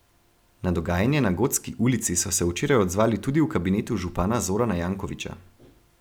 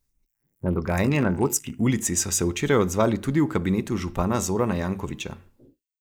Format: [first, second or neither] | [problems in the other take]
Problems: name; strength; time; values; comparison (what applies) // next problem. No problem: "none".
first | noise reduction (neural mask model Resemble Enhance denoiser)